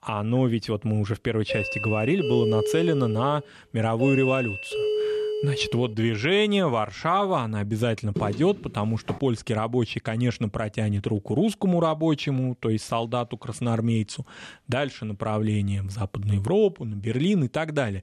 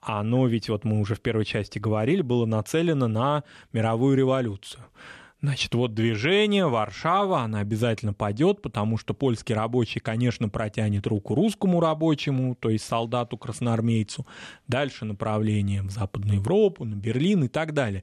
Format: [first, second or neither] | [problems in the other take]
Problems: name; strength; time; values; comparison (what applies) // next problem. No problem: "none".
second | doorbell; loud; from 1.5 to 6 s; peak level with the speech // footsteps; noticeable; from 8 to 9 s; peak 7 dB below the speech